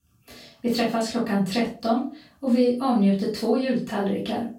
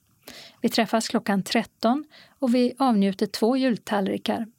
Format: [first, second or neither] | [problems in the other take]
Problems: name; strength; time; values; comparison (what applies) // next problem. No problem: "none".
second | off-mic speech; far // room echo; noticeable; dies away in 0.3 s